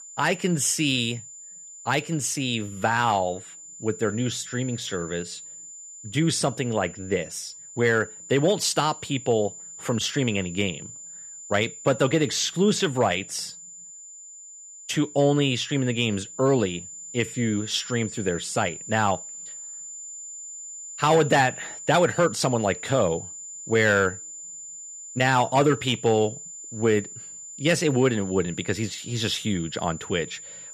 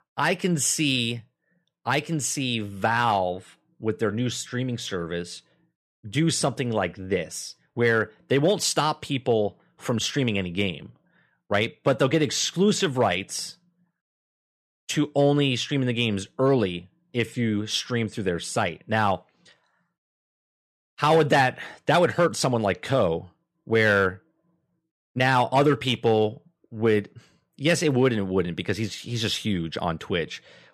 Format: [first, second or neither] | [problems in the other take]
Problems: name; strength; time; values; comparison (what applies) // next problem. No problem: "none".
second | high-pitched whine; noticeable; throughout; 7 kHz, 15 dB below the speech